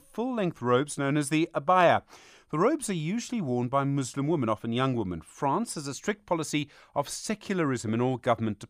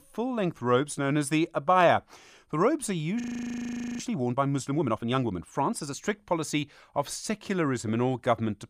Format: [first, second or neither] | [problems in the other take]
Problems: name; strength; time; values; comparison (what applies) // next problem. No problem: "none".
first | audio freezing; at 3 s for 1 s